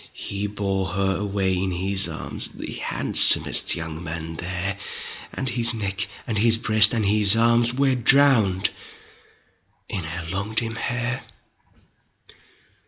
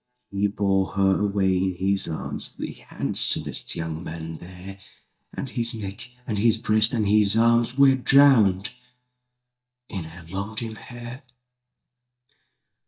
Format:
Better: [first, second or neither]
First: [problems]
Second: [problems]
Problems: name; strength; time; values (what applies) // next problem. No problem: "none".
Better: first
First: none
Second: noise reduction (neural mask model DeepFilterNet 3)